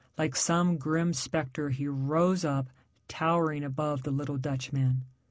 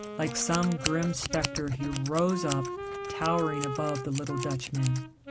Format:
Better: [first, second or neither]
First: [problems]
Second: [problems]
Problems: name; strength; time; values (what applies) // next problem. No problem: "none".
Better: first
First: none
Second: background sound (Scissors + Wind instrument, woodwind instrument); 6 dB below the speech